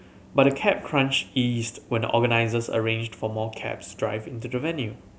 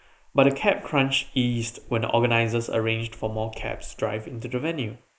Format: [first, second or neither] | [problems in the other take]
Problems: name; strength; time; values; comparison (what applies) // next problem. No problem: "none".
first | noise reduction (neural mask model Resemble Enhance denoiser)